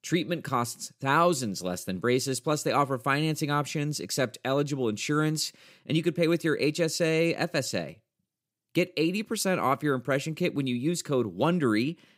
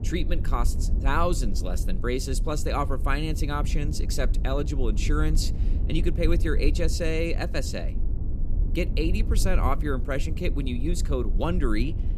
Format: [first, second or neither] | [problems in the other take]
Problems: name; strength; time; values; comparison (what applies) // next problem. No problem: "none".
first | low rumble; noticeable; throughout; 15 dB below the speech